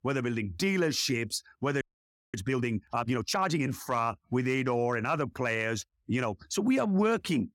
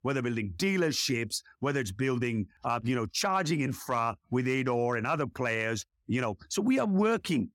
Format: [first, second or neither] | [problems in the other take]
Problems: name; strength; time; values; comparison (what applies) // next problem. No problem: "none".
second | audio freezing; at 2 s for 0.5 s